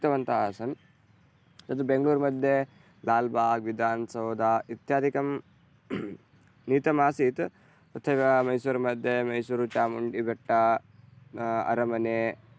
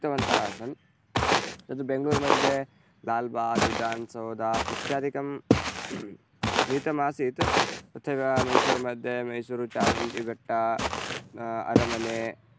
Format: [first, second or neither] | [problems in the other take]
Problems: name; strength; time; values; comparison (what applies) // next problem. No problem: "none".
first | background sound (Walk, footsteps); 1 dB above the speech